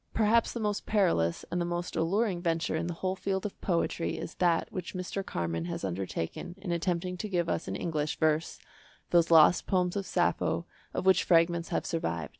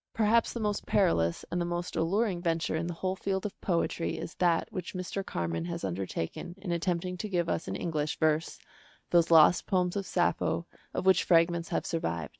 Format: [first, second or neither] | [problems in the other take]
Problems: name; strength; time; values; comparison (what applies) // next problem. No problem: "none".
first | noise reduction (neural mask model RNNoise)